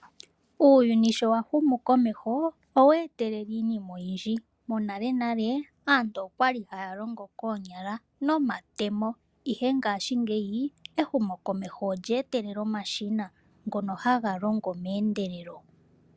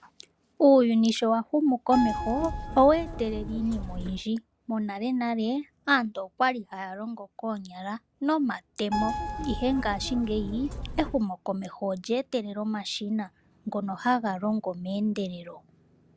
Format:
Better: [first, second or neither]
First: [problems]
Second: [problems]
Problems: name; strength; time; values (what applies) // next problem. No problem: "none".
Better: first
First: none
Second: background sound (Keyboard (musical)); 6 dB below the speech